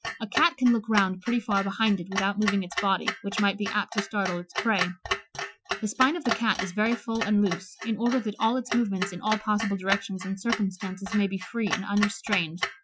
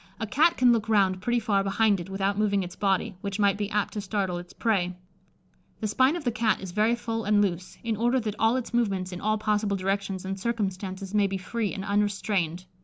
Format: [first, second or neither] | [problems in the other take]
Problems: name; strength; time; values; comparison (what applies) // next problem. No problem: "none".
second | noise reduction (classical method Wiener filter)